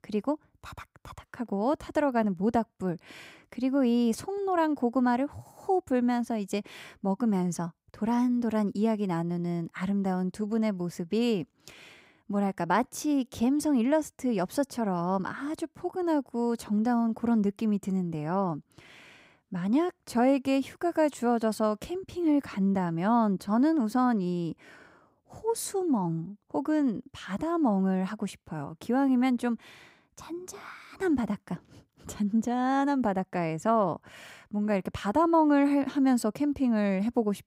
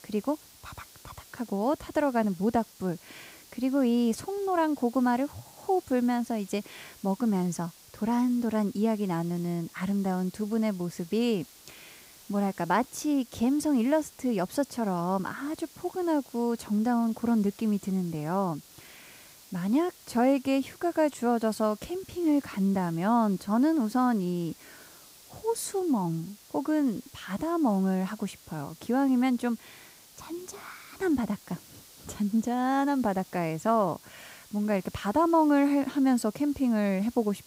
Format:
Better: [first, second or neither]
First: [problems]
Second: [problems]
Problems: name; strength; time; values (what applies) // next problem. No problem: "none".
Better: first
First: none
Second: hiss; faint; throughout; 20 dB below the speech